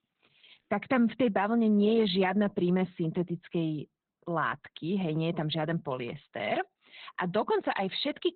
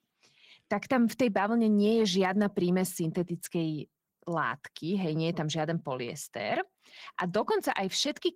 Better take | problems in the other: second | garbled, watery; badly; nothing above 4 kHz; slightly in the second

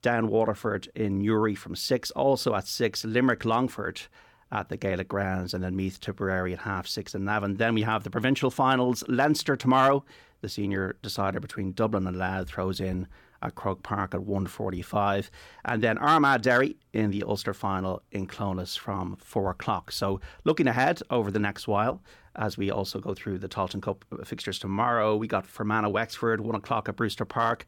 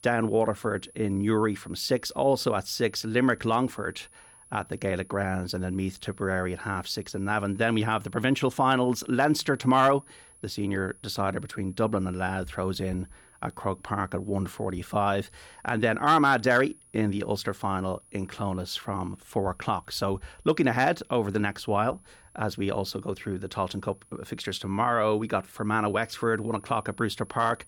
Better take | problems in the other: first | high-pitched whine; faint; throughout; 10.5 kHz, 25 dB below the speech

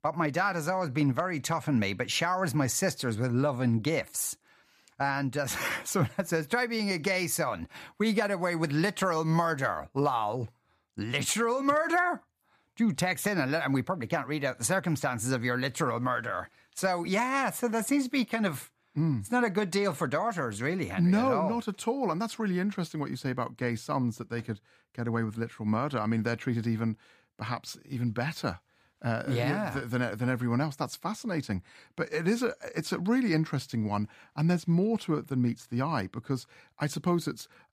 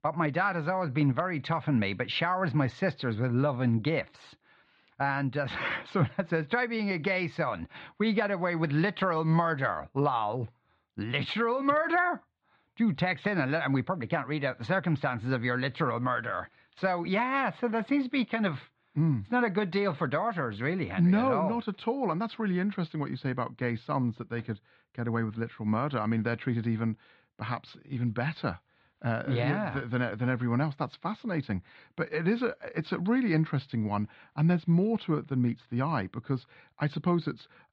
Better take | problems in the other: first | muffled; slightly; fading above 4 kHz

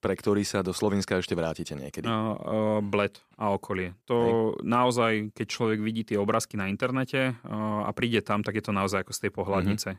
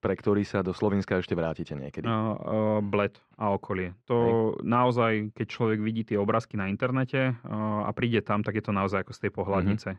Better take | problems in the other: first | muffled; slightly; fading above 2.5 kHz

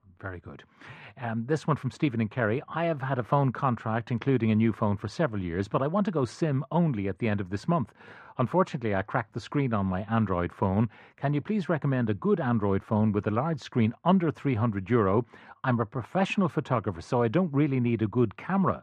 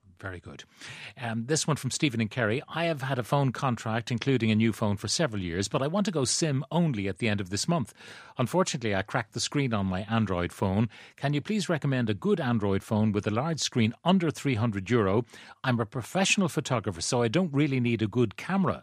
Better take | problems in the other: second | muffled; very; fading above 3.5 kHz

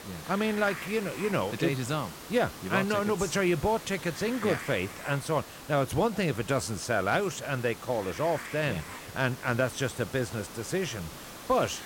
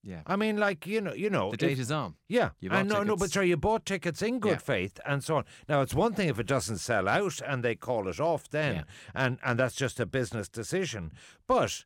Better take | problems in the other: second | hiss; noticeable; throughout; 10 dB below the speech

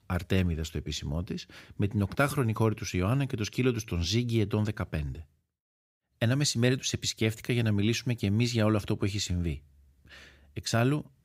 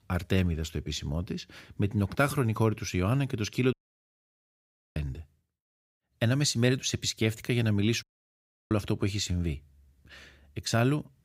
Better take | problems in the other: first | audio cutting out; at 3.5 s for 1 s and at 8 s for 0.5 s

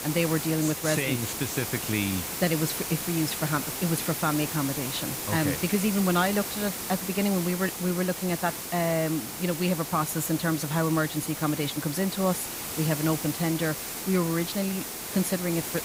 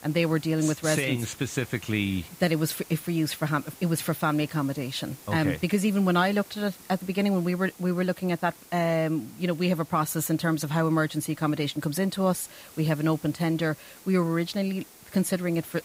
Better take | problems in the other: second | hiss; loud; throughout; 4 dB below the speech; faint in the second

